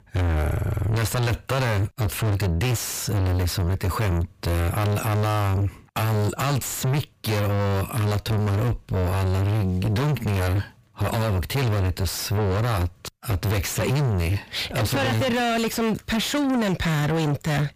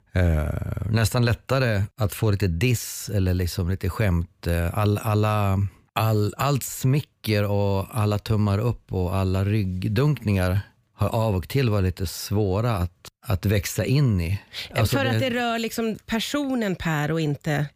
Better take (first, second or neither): second